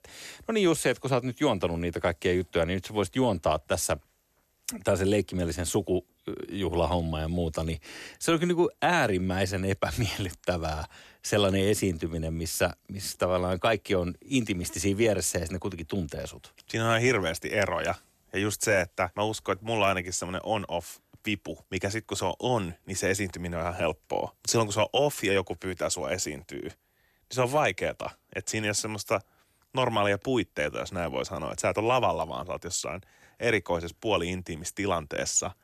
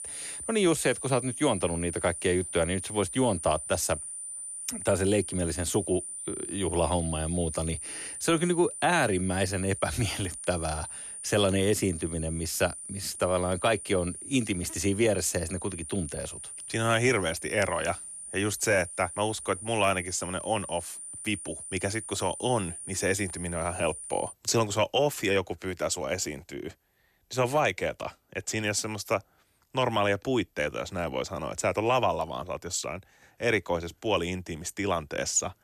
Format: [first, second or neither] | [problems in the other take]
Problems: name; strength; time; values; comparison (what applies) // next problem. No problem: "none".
first | high-pitched whine; loud; until 24 s; 9 kHz, 8 dB below the speech